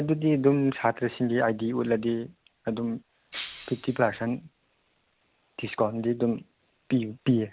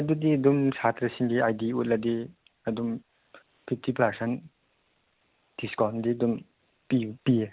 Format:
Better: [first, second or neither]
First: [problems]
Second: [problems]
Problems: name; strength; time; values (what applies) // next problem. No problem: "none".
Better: second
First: background sound (Shatter); 15 dB below the speech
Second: none